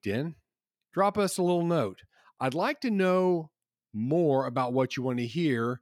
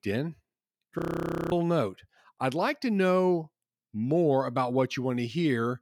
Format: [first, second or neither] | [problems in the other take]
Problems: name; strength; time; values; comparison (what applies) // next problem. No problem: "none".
first | audio freezing; at 1 s for 0.5 s